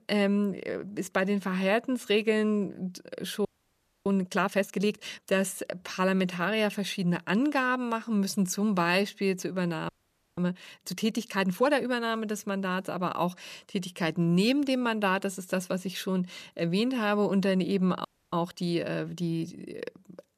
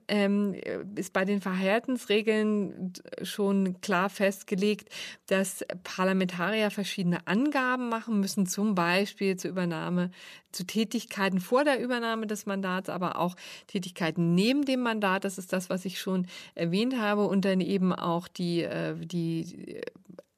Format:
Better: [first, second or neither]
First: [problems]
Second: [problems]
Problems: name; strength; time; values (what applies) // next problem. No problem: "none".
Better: second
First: audio freezing; at 3.5 s for 0.5 s, at 10 s and at 18 s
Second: none